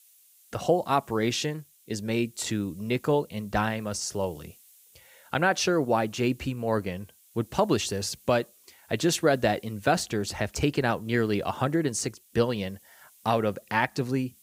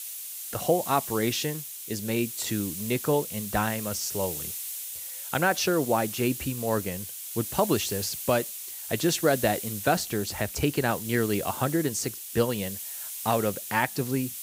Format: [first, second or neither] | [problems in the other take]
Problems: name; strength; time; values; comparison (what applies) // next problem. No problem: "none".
first | hiss; loud; throughout; 6 dB below the speech; faint in the first